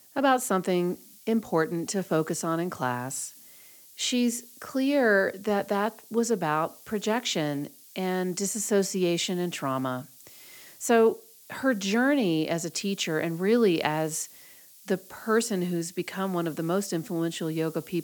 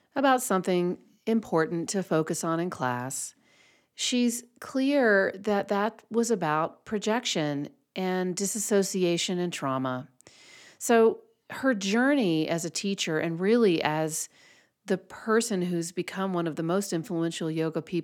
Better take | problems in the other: second | hiss; faint; throughout; 20 dB below the speech

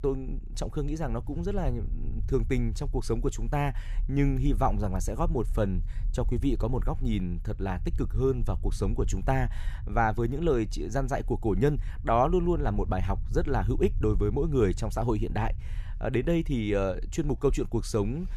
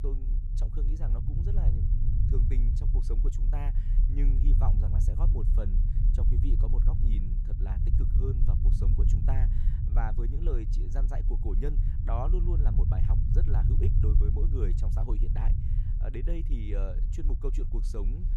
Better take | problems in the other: first | low rumble; loud; throughout; 3 dB below the speech; faint in the first

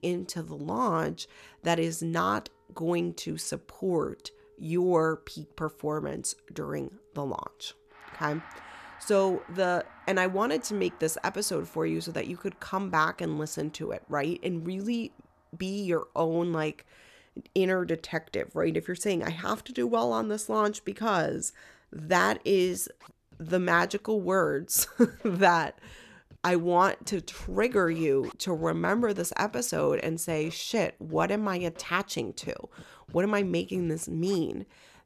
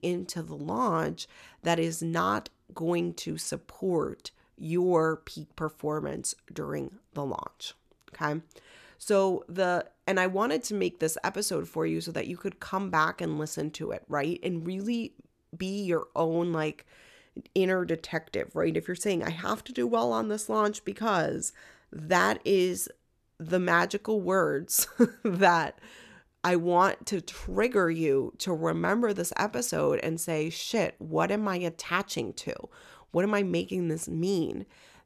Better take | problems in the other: second | background music; faint; throughout; 25 dB below the speech

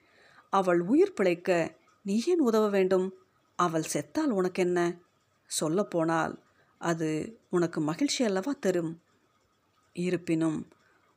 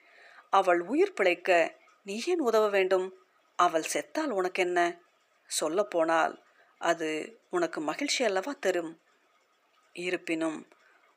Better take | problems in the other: first | thin; somewhat; fading below 450 Hz

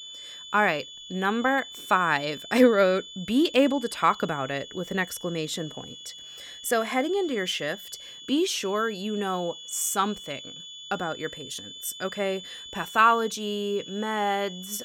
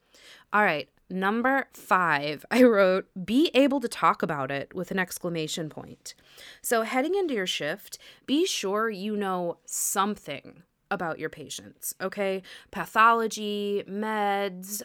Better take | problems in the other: second | high-pitched whine; noticeable; throughout; 3.5 kHz, 15 dB below the speech

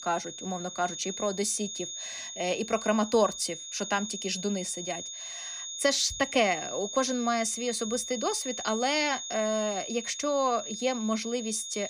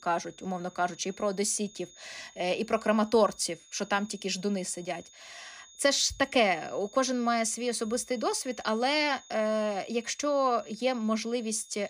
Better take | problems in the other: second | high-pitched whine; loud; throughout; 6.5 kHz, 7 dB below the speech; faint in the second

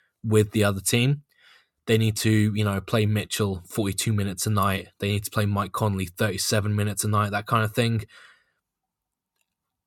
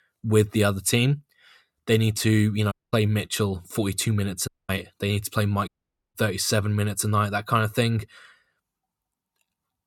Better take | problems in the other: first | audio cutting out; at 2.5 s, at 4.5 s and at 5.5 s

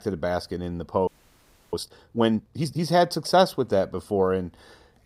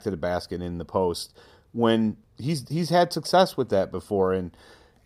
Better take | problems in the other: second | audio freezing; at 1 s for 0.5 s

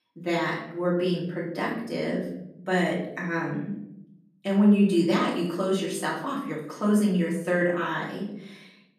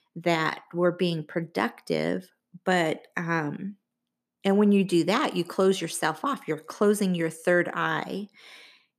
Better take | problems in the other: second | room echo; noticeable; dies away in 0.8 s // off-mic speech; far

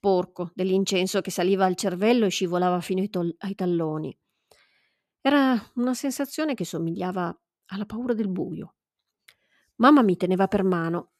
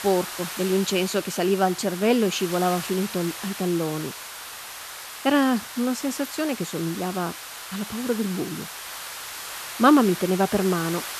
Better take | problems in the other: first | hiss; loud; throughout; 10 dB below the speech

